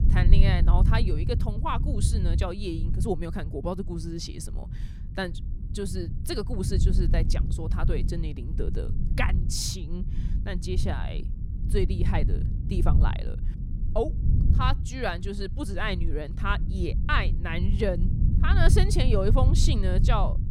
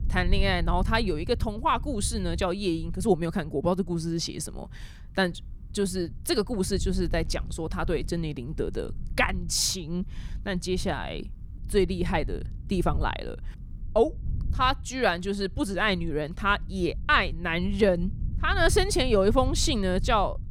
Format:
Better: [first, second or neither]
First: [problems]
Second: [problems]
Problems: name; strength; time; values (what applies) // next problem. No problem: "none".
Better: second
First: low rumble; loud; throughout; 10 dB below the speech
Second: low rumble; faint; throughout; 25 dB below the speech